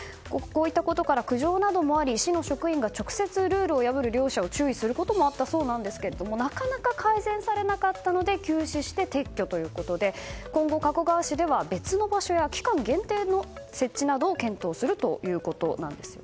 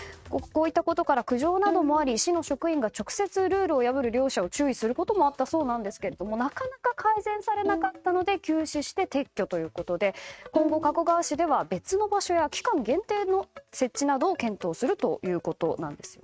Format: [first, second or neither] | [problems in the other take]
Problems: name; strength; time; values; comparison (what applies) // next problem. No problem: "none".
first | noise reduction (neural mask model RNNoise)